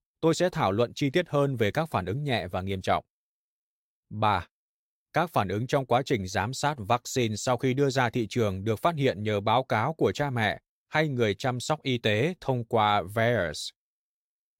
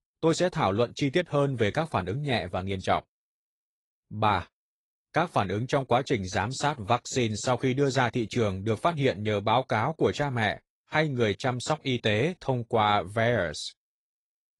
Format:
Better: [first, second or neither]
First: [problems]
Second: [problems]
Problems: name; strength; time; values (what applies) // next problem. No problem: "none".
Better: first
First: none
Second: garbled, watery; slightly; nothing above 10.5 kHz